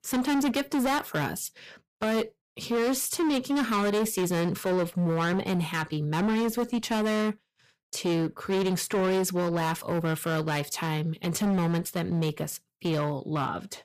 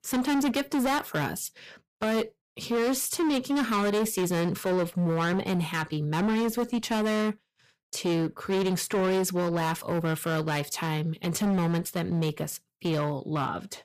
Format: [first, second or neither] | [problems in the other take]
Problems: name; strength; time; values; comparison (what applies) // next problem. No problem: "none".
neither | distortion; heavy; 20% of the sound clipped; the same in both